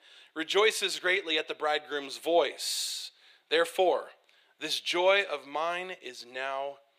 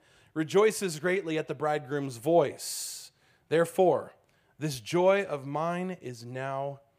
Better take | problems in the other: second | thin; very; fading below 350 Hz

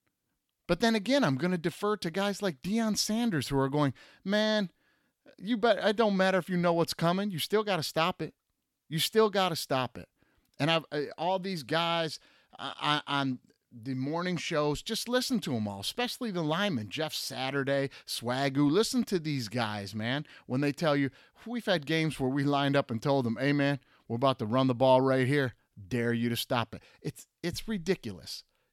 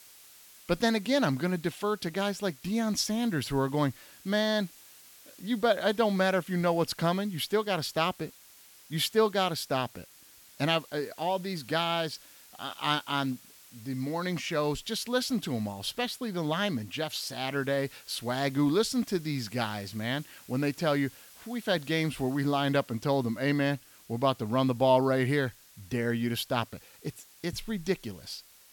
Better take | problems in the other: first | hiss; faint; throughout; 20 dB below the speech

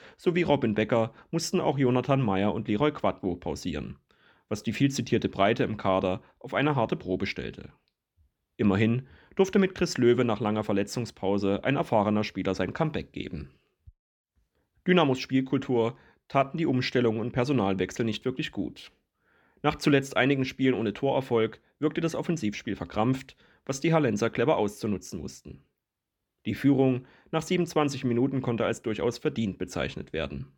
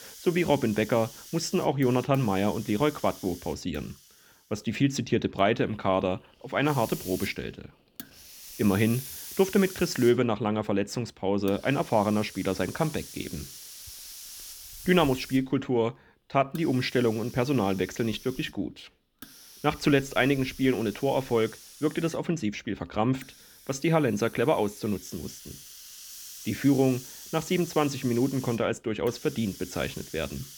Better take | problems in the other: first | hiss; noticeable; throughout; 15 dB below the speech

